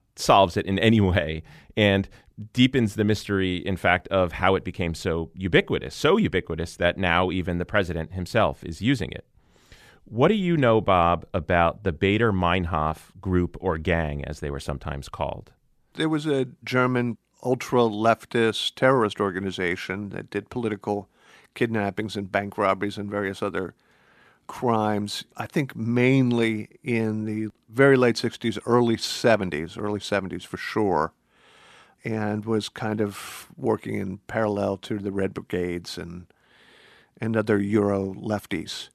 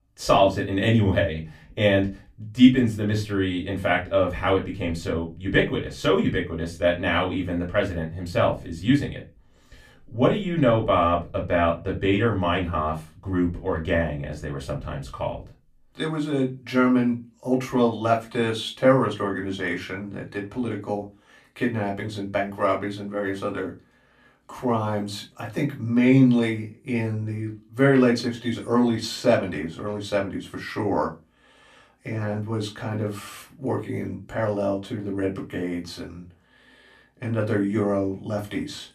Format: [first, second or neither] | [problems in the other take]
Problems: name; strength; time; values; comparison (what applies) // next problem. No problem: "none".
first | off-mic speech; far // room echo; very slight; dies away in 0.2 s